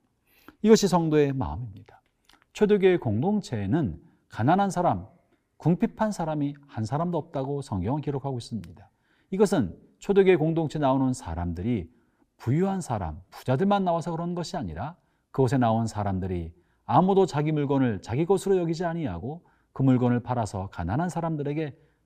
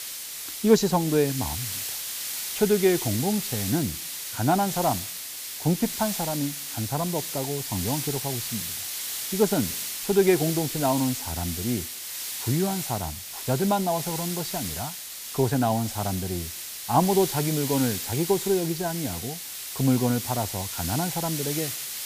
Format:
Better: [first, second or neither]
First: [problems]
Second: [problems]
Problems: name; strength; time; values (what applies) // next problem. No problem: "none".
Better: first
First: none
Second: hiss; loud; throughout; 4 dB below the speech